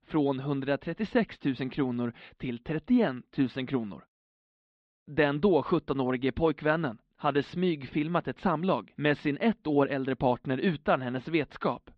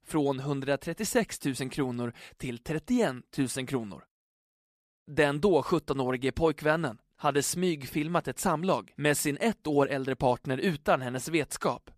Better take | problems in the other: second | muffled; very; fading above 3.5 kHz

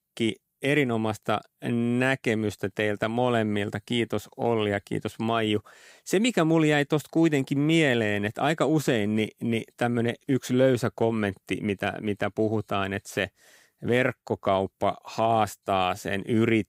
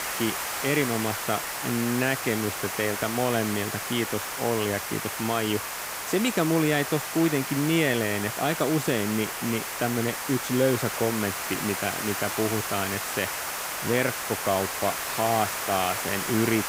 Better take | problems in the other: first | hiss; loud; throughout; 3 dB below the speech

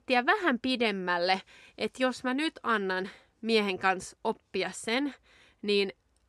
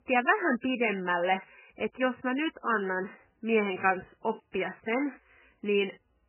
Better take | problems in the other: first | garbled, watery; badly; nothing above 3 kHz

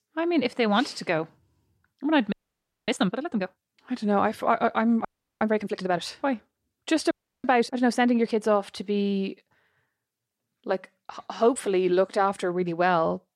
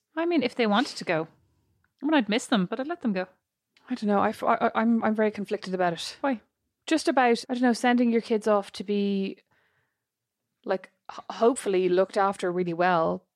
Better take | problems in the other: second | audio freezing; at 2.5 s for 0.5 s, at 5 s and at 7 s

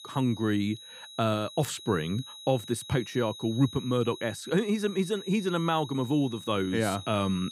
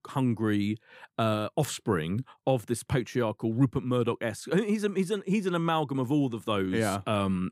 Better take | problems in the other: second | high-pitched whine; noticeable; throughout; 4 kHz, 15 dB below the speech

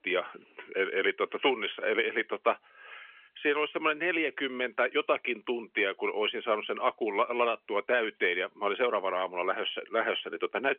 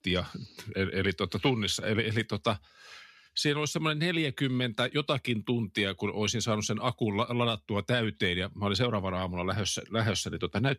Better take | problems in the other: second | phone-call audio; nothing above 3.5 kHz

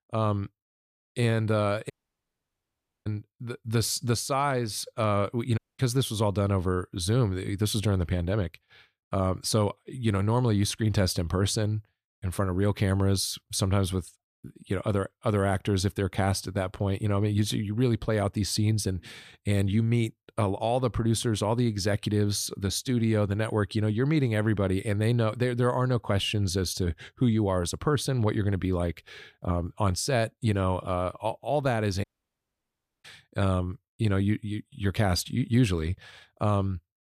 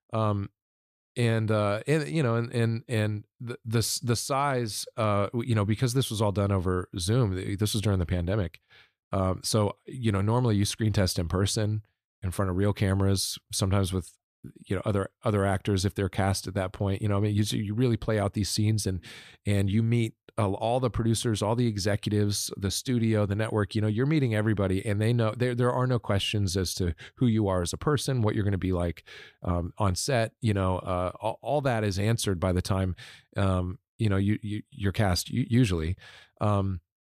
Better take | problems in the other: second | audio cutting out; at 2 s for 1 s, at 5.5 s and at 32 s for 1 s

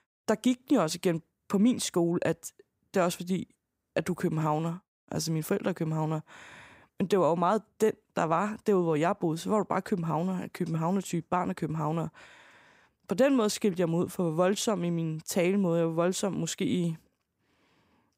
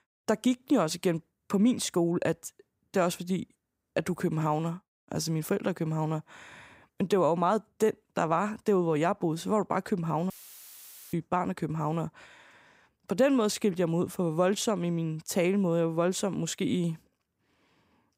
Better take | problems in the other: first | audio cutting out; filled with static; at 10 s for 1 s

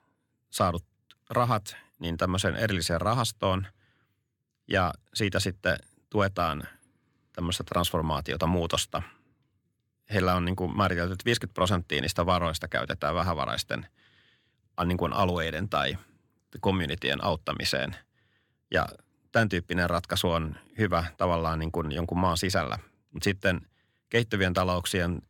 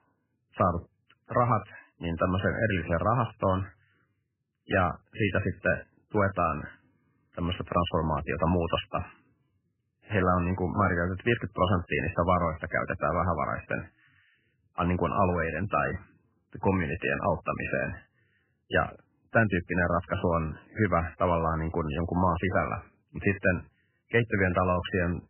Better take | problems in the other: first | garbled, watery; badly; nothing above 3 kHz

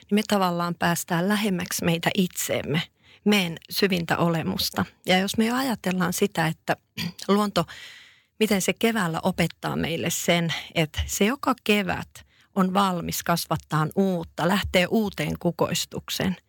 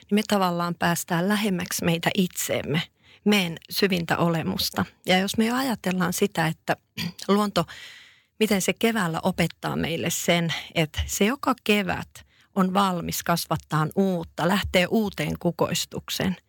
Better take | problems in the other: neither | none

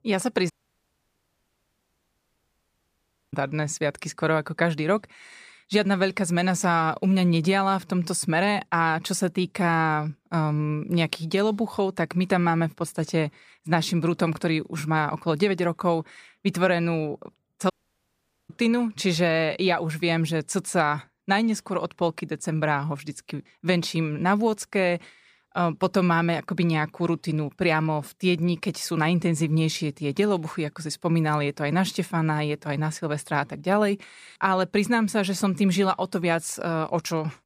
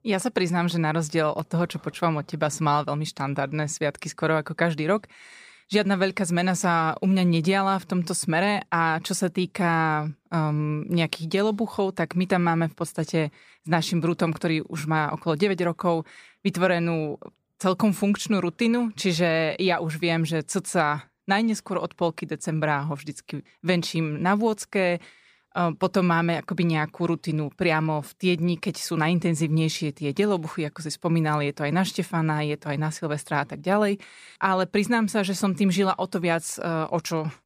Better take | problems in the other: second | audio cutting out; at 0.5 s for 3 s and at 18 s for 1 s

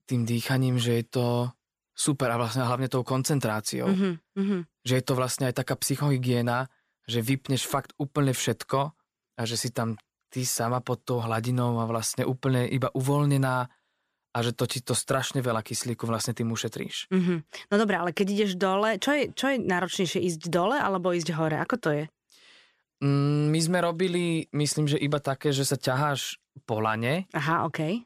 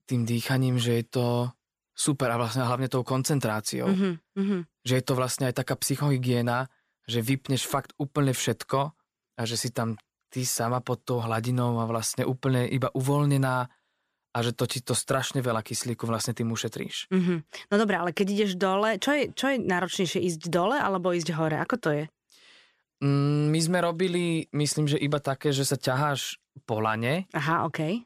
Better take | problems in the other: neither | none

